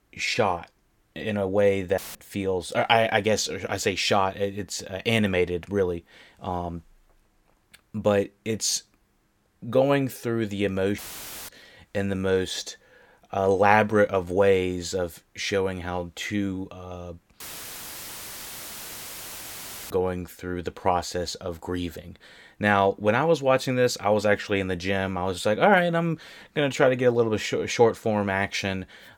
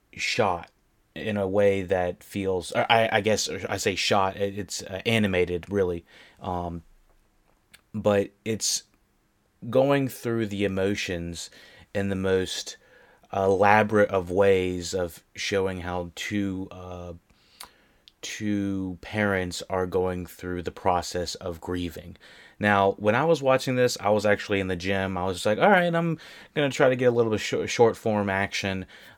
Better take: second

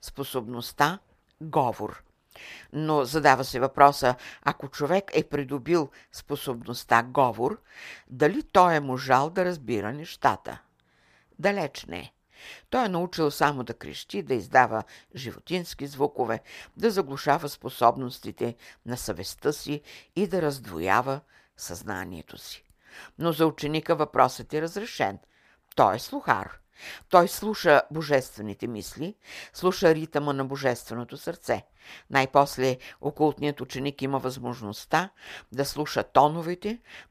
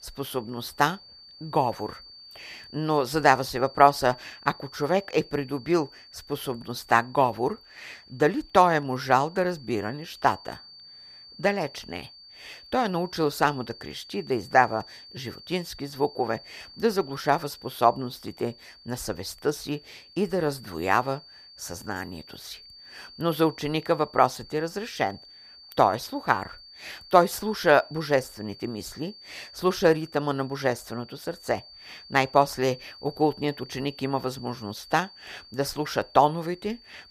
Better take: first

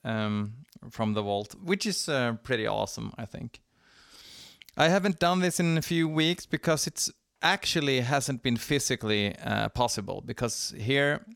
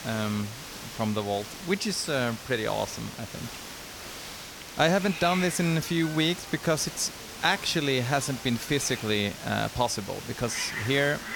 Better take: first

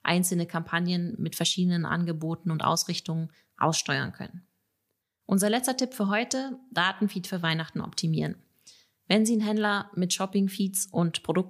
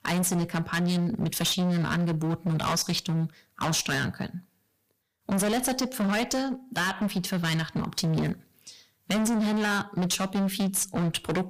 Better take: first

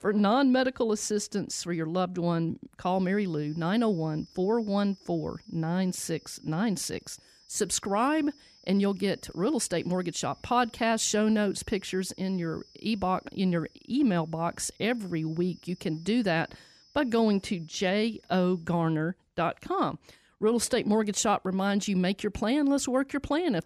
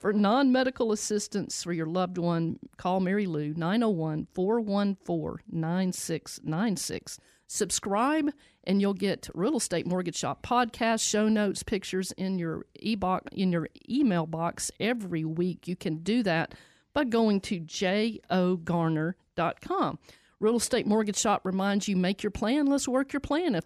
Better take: second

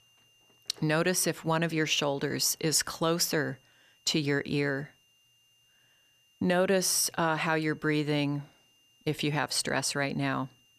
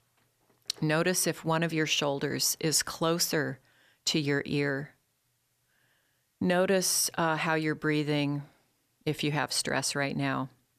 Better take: second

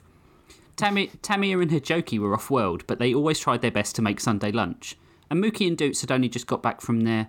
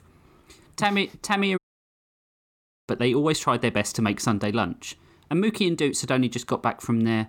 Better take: first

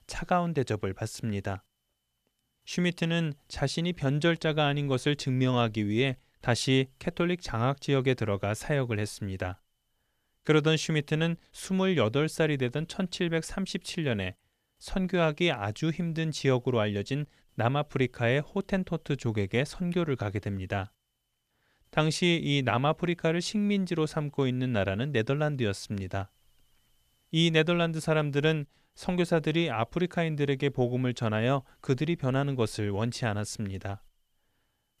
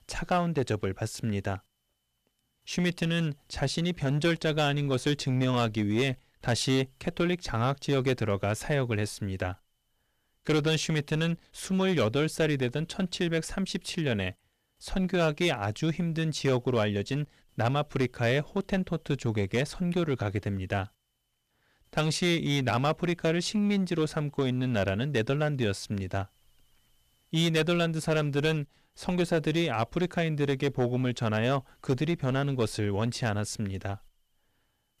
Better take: first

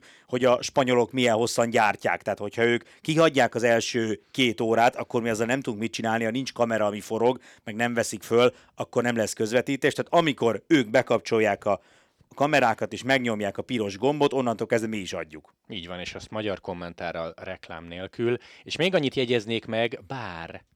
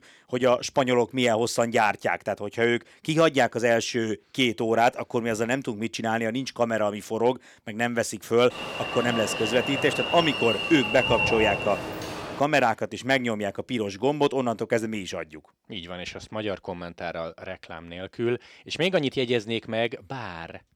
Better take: first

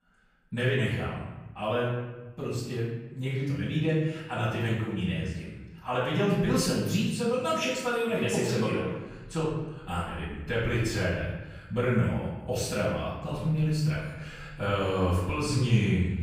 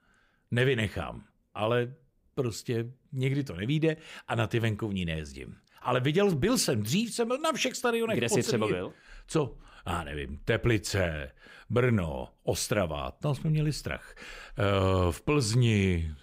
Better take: second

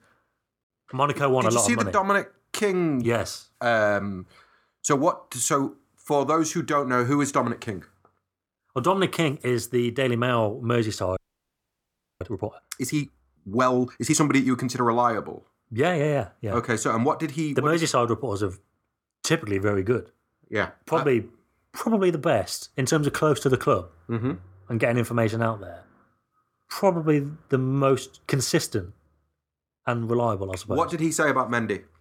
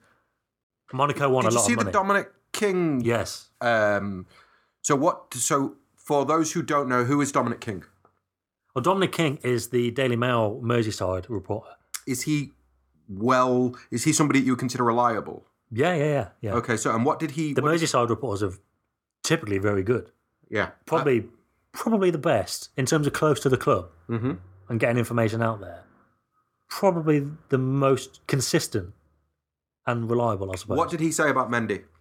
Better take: second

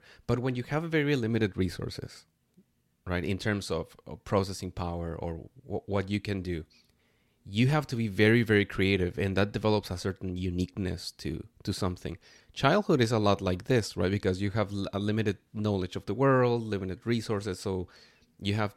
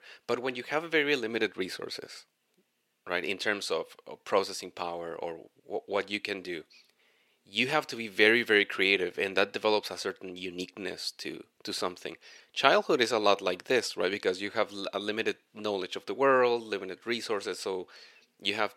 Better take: first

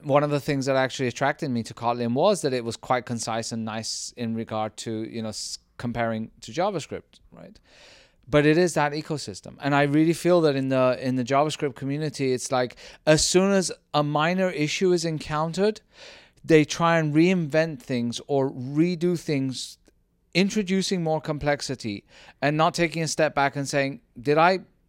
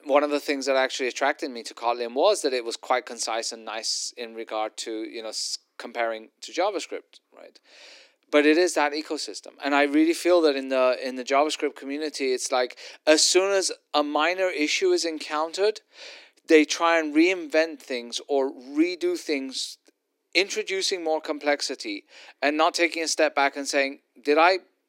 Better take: first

